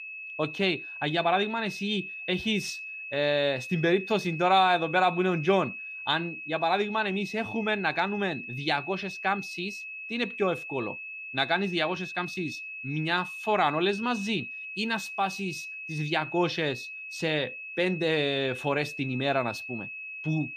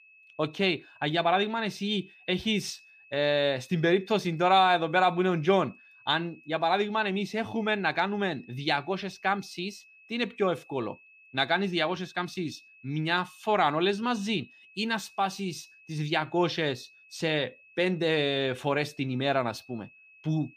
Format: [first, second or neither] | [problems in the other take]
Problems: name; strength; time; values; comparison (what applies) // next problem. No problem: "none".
second | high-pitched whine; loud; throughout; 2.5 kHz, 8 dB below the speech; faint in the second